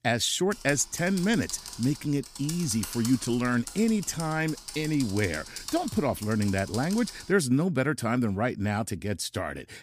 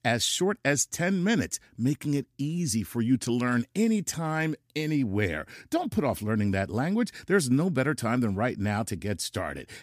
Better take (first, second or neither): second